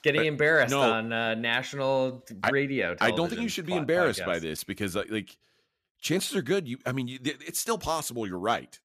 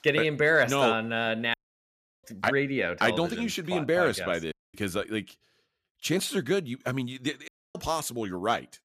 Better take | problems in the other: first | audio cutting out; at 1.5 s for 0.5 s, at 4.5 s and at 7.5 s

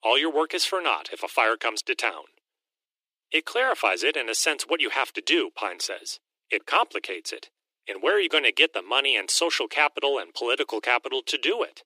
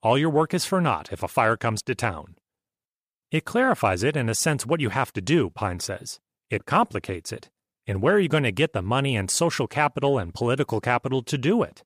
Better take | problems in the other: second | thin; very; fading below 300 Hz

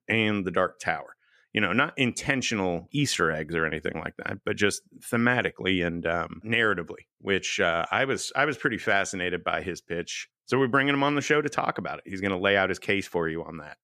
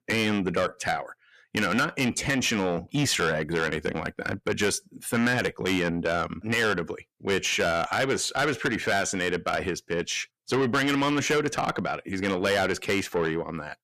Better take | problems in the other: first | distortion; heavy; 6 dB below the speech

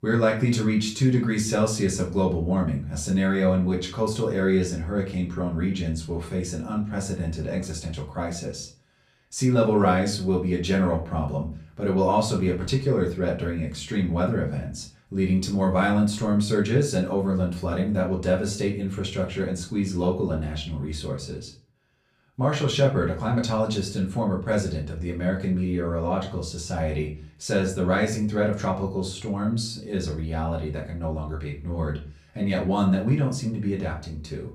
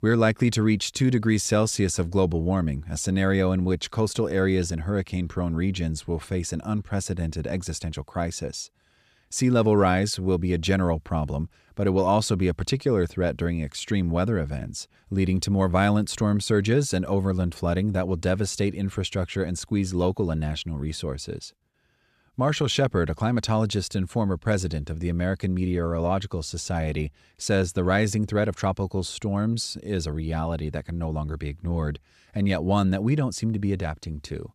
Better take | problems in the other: second | off-mic speech; far // room echo; slight; dies away in 0.3 s

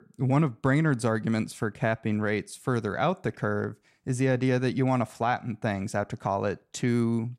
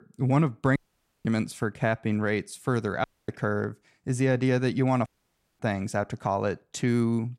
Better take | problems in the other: first | audio cutting out; at 1 s, at 3 s and at 5 s for 0.5 s

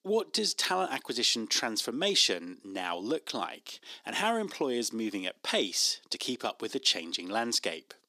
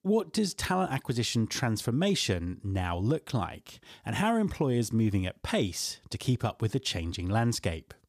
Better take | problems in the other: second | thin; somewhat; fading below 250 Hz

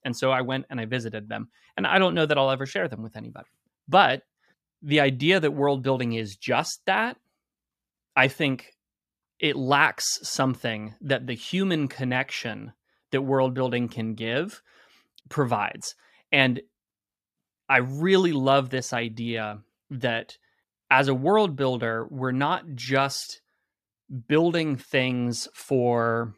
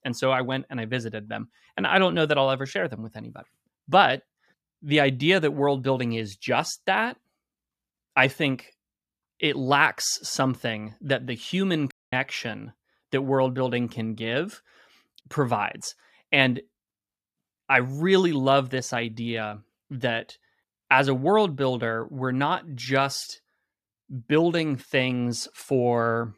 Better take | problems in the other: first | audio cutting out; at 12 s

